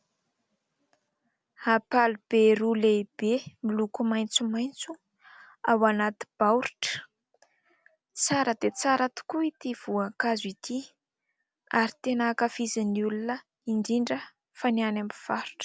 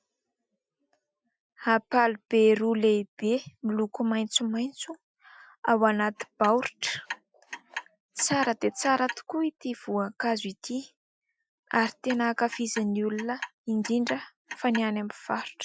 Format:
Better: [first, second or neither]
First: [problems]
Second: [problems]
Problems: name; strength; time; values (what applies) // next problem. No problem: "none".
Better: first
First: none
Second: noise reduction (classical method Wiener filter)